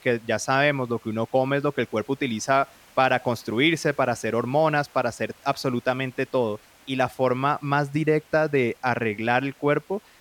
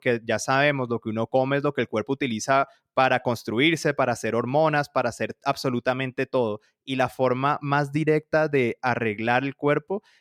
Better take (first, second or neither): second